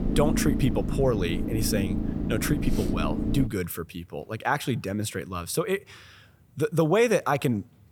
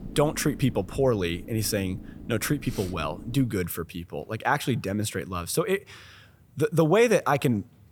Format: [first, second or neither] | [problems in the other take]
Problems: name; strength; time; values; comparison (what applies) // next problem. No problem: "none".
second | low rumble; loud; until 3.5 s; 7 dB below the speech; faint in the second